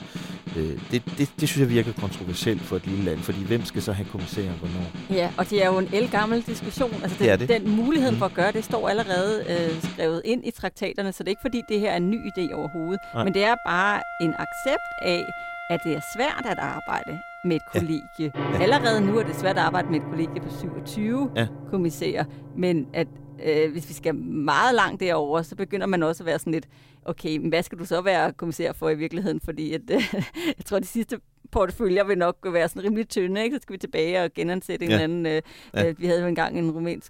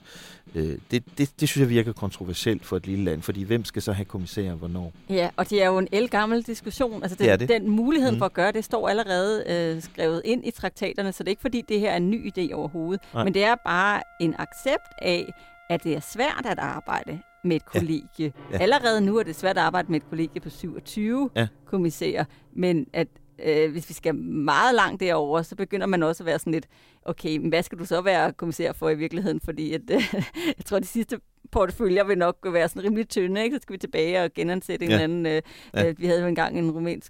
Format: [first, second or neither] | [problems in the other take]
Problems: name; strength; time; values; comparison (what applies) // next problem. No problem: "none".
second | background music; loud; throughout; 10 dB below the speech; faint in the second